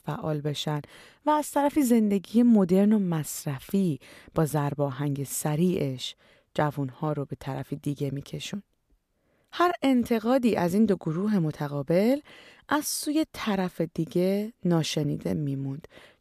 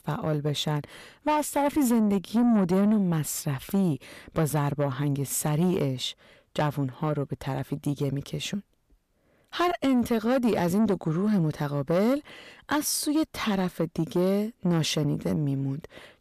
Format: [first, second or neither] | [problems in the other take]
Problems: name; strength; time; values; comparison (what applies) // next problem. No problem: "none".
first | distortion; slight; 10 dB below the speech